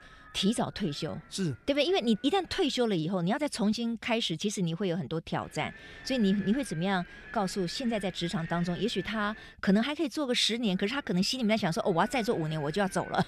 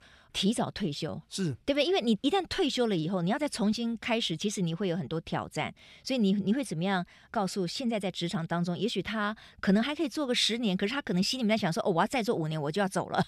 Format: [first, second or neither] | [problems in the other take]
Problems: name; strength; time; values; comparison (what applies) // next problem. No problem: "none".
second | wind noise on the microphone; occasional gusts; until 3 s, from 5.5 to 9.5 s and from 11 s on; 15 dB below the speech